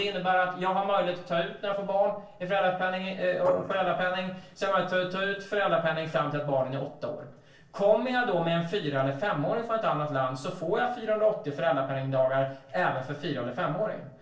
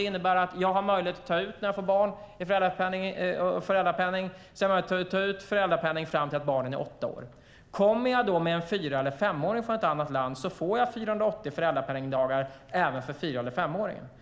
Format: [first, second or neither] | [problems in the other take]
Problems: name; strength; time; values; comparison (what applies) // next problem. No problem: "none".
second | noise reduction (neural separator model SepFormer DNS4)